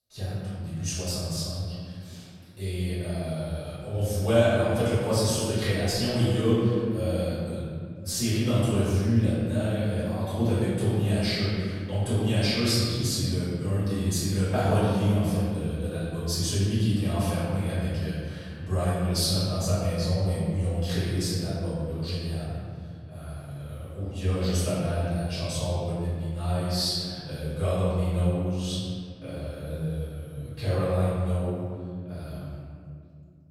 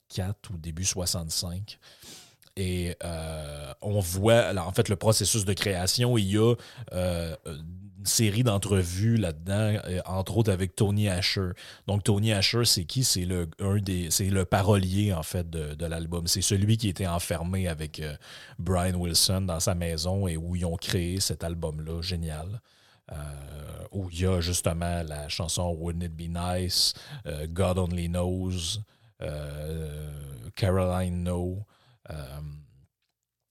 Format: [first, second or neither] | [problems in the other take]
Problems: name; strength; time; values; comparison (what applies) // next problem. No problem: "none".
second | room echo; strong; dies away in 2.3 s // off-mic speech; far